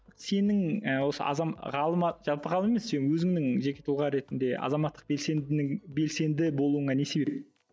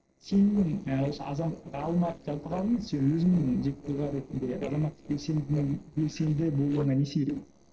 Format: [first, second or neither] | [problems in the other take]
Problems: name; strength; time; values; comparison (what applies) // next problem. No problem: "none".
first | noise reduction (neural separator model SepFormer DNS4)